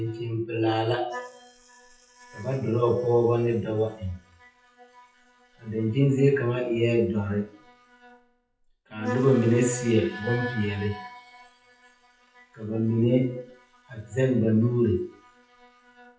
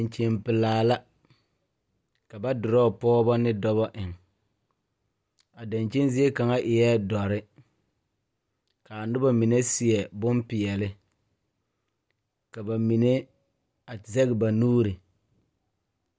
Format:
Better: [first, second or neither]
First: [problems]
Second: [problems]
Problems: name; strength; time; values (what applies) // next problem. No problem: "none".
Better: second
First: noise reduction (classical method WPE with log-MMSE)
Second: none